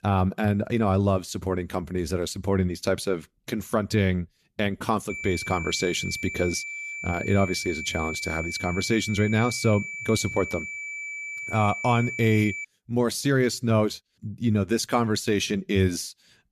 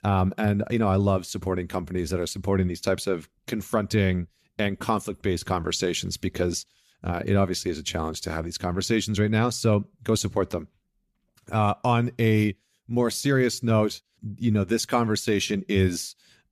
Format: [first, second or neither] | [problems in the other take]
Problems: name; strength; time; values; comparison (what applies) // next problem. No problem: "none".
second | high-pitched whine; loud; from 5 to 13 s; 2.5 kHz, 7 dB below the speech